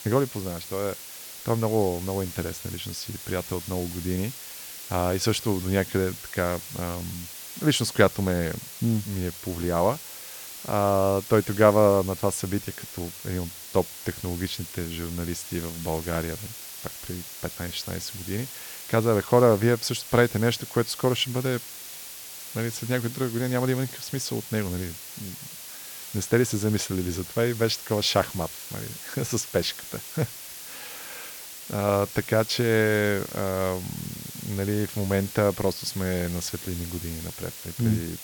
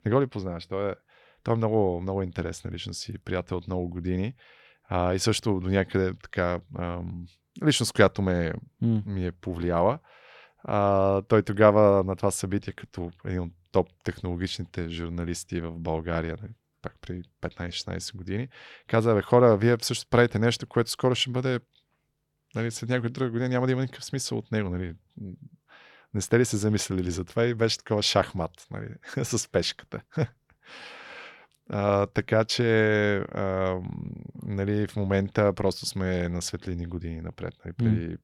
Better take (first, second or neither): second